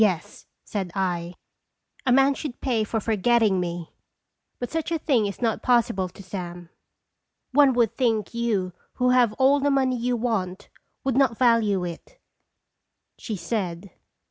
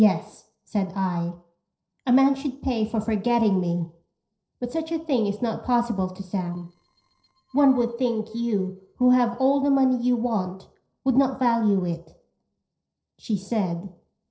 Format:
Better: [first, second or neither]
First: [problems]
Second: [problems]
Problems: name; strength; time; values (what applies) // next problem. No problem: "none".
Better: first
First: none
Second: noise reduction (neural separator model SepFormer DNS4)